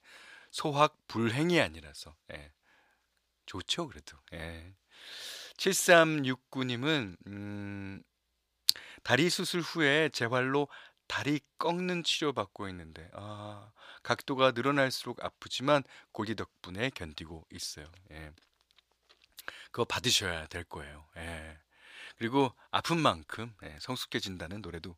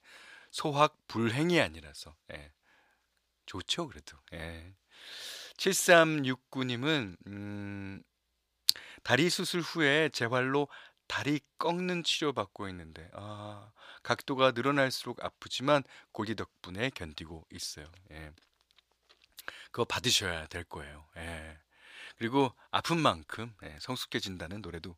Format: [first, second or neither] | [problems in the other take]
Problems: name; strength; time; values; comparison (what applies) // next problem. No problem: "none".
neither | thin; somewhat; fading below 1 kHz; the same in both